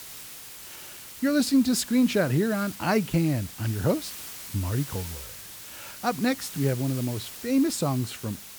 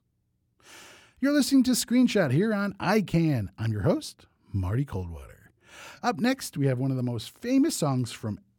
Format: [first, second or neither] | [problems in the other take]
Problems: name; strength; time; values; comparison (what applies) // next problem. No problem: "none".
second | hiss; noticeable; throughout; 10 dB below the speech